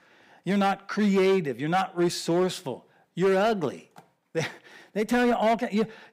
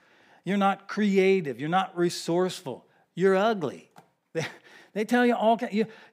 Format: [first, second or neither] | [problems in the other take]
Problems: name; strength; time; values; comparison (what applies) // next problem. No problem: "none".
second | distortion; slight; 7% of the sound clipped